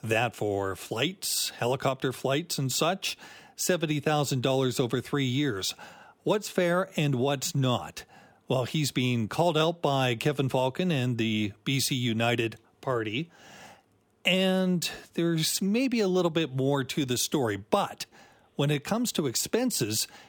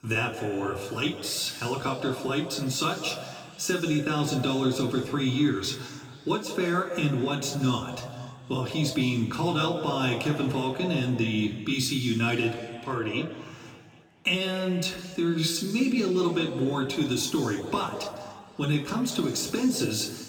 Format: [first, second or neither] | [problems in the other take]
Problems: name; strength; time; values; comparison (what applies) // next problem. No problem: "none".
first | room echo; slight; dies away in 2 s // off-mic speech; somewhat distant